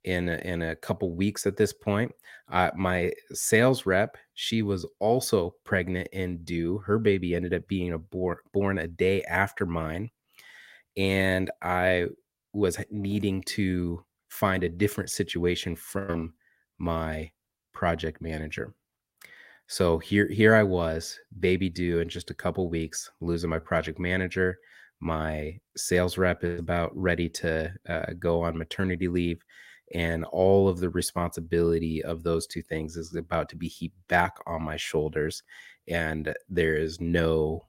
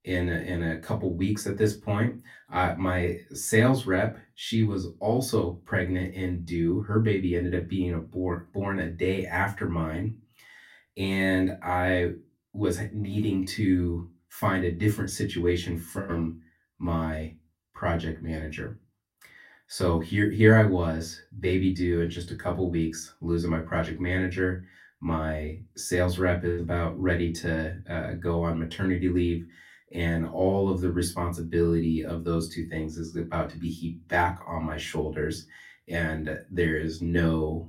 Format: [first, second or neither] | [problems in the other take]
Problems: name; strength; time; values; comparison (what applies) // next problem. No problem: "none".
first | off-mic speech; far // room echo; very slight; dies away in 0.2 s